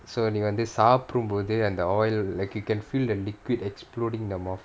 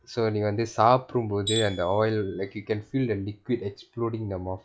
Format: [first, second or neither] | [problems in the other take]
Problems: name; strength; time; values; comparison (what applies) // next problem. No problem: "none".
first | noise reduction (classical method log-MMSE)